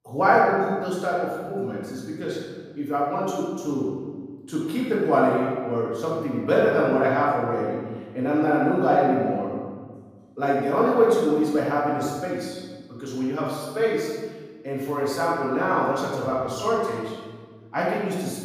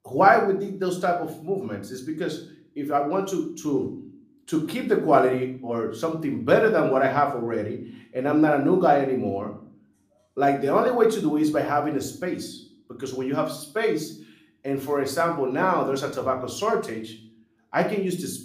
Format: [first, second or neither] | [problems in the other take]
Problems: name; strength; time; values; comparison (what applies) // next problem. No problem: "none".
second | room echo; strong; dies away in 1.4 s; slight in the second // off-mic speech; far; somewhat distant in the second